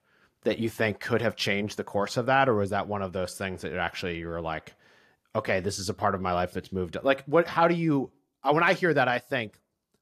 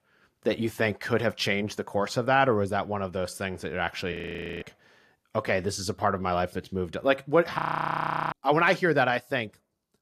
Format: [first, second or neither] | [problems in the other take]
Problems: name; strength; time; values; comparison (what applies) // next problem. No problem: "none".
first | audio freezing; at 4 s and at 7.5 s for 0.5 s